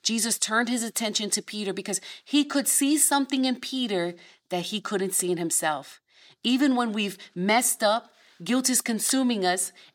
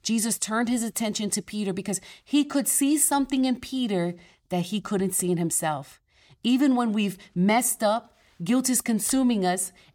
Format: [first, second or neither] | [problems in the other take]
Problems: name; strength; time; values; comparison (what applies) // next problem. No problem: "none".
second | thin; very slightly; fading below 300 Hz